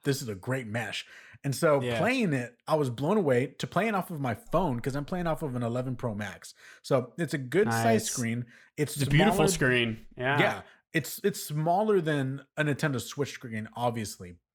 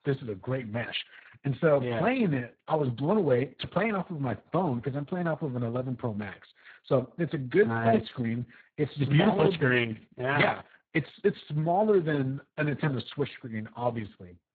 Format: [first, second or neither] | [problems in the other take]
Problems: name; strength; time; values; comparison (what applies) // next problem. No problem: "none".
first | garbled, watery; badly; nothing above 4 kHz